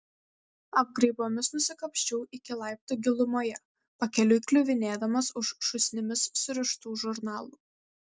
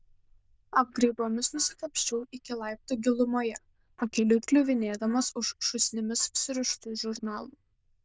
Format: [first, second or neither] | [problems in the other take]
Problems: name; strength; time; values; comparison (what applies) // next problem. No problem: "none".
first | noise reduction (neural diffusion model UNIVERSE++)